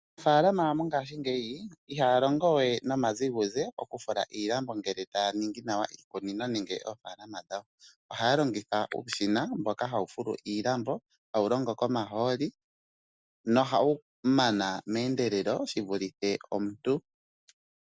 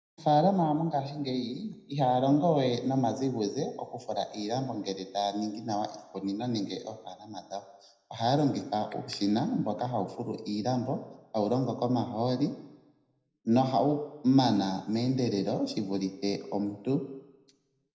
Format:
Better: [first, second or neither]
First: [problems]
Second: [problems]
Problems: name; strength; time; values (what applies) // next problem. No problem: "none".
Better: first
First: none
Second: room echo; dies away in 0.8 s